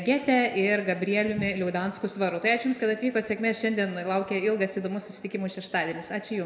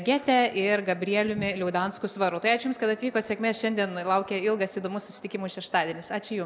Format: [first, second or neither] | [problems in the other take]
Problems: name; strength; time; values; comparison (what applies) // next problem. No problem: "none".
second | room echo; dies away in 1.3 s